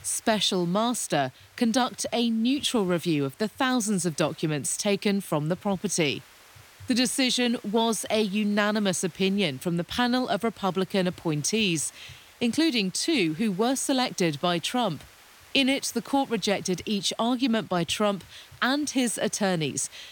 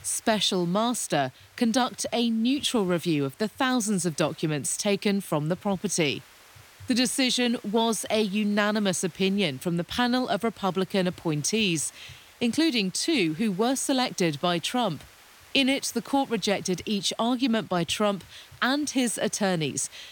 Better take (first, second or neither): neither